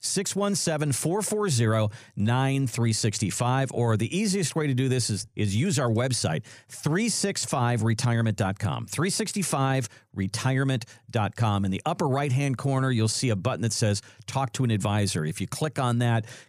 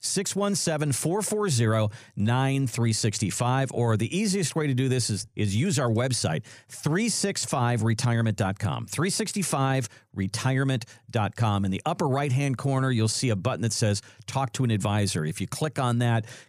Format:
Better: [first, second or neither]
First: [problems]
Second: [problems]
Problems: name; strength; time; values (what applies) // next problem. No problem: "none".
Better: neither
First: none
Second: none